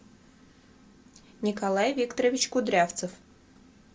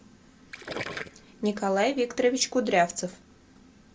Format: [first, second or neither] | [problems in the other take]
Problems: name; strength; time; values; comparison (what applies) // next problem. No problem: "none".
first | background sound (Gurgling); 15 dB below the speech